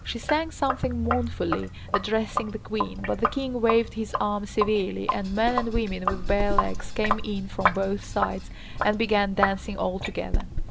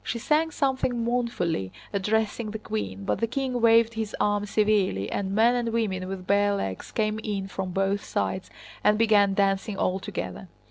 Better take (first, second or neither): second